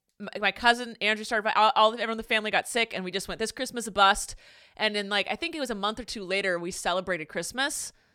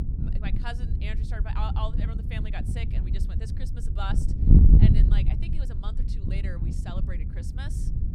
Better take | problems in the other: first | wind noise on the microphone; heavy; 1 dB above the speech

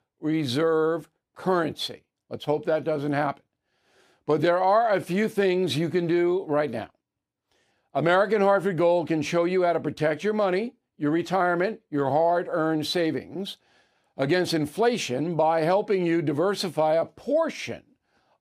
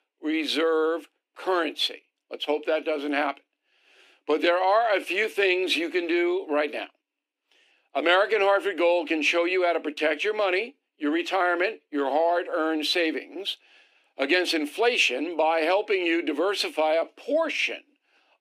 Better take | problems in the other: first | thin; very slightly; fading below 300 Hz

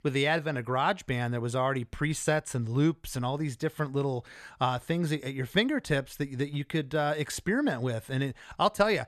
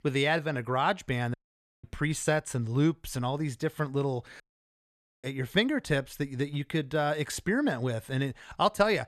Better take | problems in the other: first | audio cutting out; at 1.5 s and at 4.5 s for 1 s

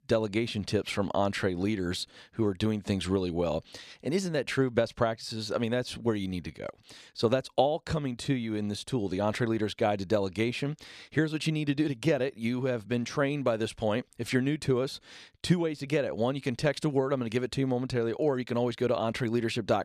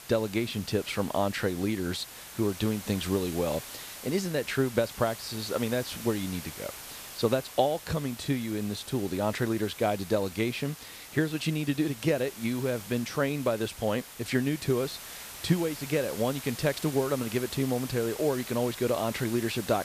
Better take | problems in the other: first | hiss; noticeable; throughout; 10 dB below the speech

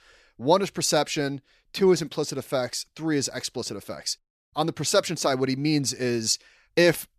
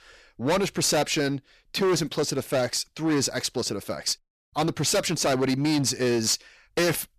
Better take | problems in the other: first | distortion; heavy; 14% of the sound clipped

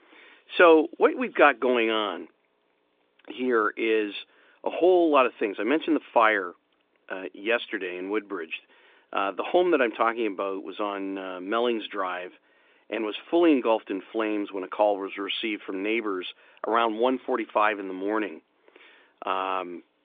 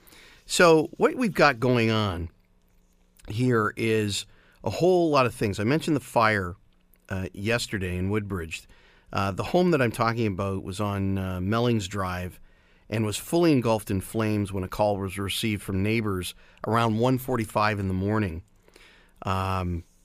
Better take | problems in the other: second | phone-call audio

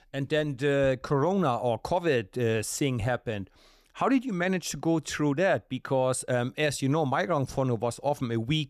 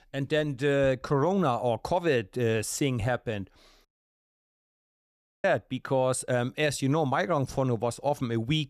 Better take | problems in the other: first | audio cutting out; at 4 s for 1.5 s

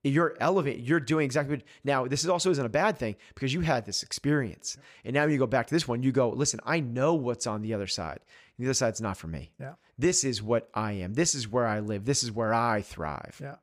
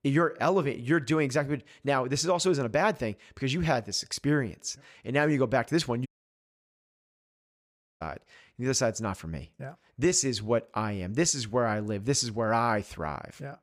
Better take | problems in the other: first | audio cutting out; at 6 s for 2 s

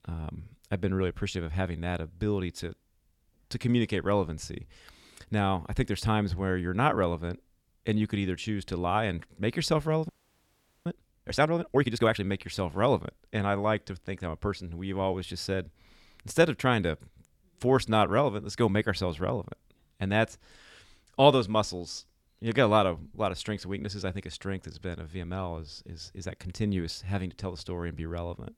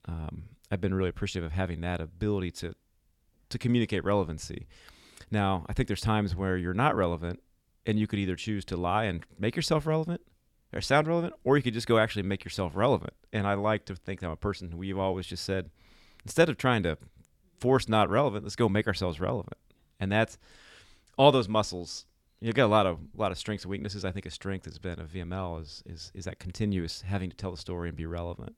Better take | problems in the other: second | audio freezing; at 10 s for 1 s

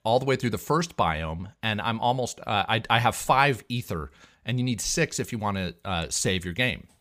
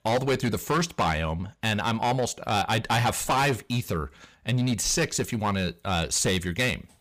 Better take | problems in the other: first | distortion; heavy; 11% of the sound clipped

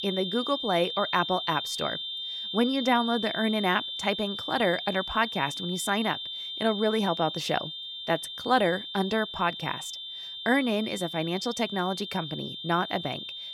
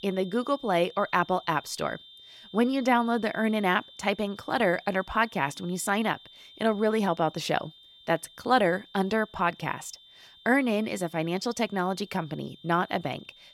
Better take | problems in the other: second | high-pitched whine; loud; throughout; 3.5 kHz, 5 dB below the speech; faint in the second

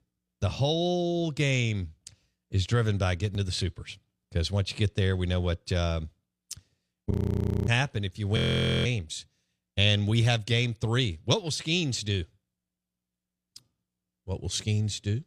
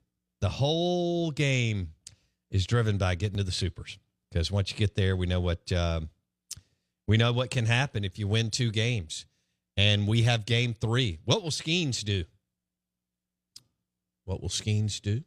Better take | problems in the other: second | audio freezing; at 7 s for 0.5 s and at 8.5 s

